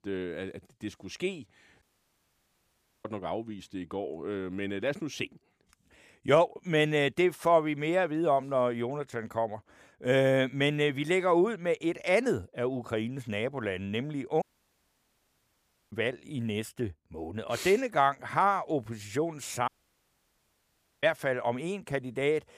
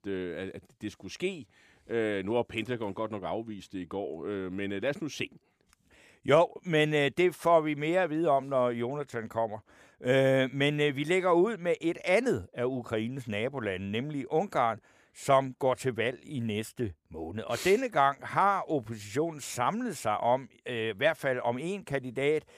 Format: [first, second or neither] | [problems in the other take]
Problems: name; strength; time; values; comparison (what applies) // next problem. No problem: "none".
second | audio cutting out; at 2 s for 1 s, at 14 s for 1.5 s and at 20 s for 1.5 s